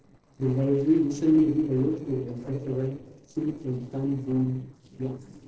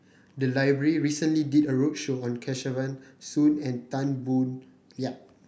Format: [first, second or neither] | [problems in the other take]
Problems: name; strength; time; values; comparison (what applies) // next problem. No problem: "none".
second | noise reduction (neural separator model SepFormer DNS4)